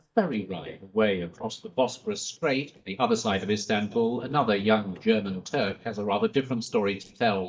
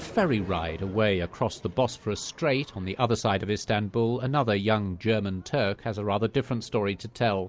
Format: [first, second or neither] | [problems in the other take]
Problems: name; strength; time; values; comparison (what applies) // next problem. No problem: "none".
second | noise reduction (neural mask model DeepFilterNet 3)